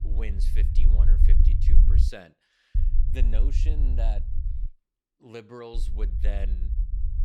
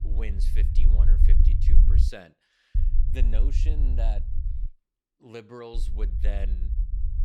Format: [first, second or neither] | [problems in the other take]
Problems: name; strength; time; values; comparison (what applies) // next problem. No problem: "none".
neither | low rumble; loud; until 2 s, from 3 to 4.5 s and from 5.5 s on; 4 dB below the speech; the same in both